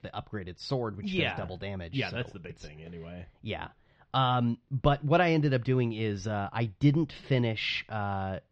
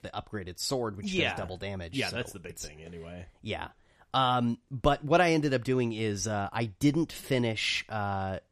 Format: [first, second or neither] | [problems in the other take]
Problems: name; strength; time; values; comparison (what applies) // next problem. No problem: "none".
second | muffled; very slightly; fading above 4.5 kHz